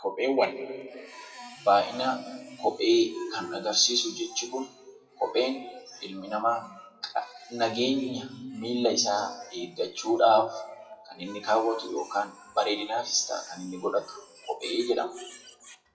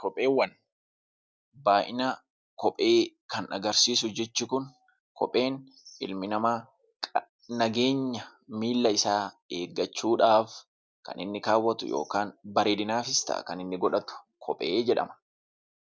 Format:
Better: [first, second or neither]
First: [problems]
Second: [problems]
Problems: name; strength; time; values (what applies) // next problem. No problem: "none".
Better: second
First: noise reduction (classical method WPE with log-MMSE)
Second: none